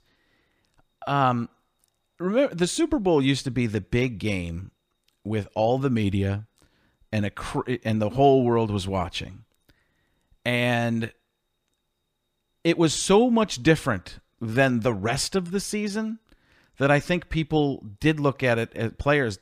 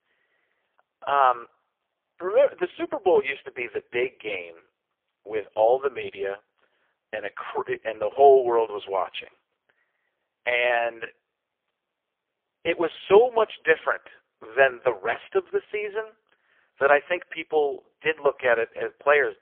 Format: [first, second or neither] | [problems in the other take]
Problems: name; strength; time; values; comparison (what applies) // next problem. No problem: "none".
first | phone-call audio; poor line; nothing above 3.5 kHz